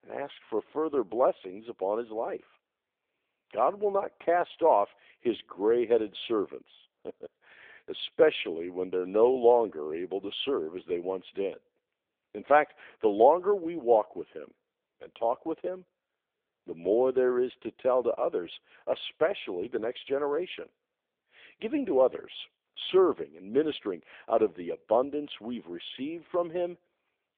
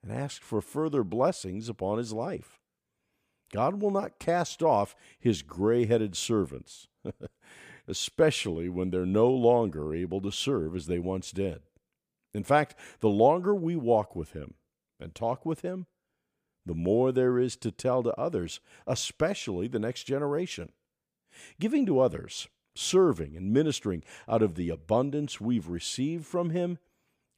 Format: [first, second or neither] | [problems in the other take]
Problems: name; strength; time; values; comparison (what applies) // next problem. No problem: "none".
second | phone-call audio; poor line; nothing above 3.5 kHz